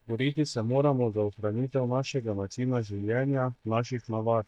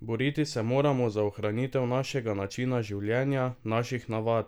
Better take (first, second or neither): second